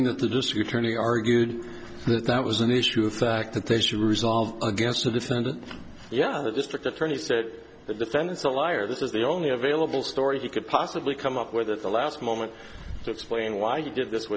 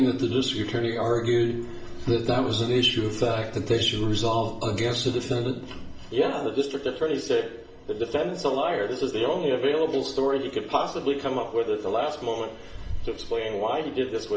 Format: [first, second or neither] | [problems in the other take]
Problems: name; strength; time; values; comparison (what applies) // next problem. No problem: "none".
first | room echo; dies away in 0.6 s